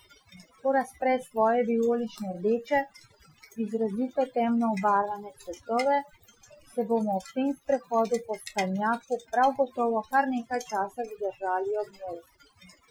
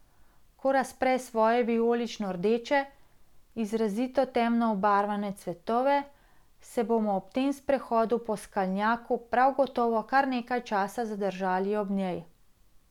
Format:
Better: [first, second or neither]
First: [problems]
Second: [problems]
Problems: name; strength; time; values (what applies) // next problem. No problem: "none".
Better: second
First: noise reduction (classical method Wiener filter)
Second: none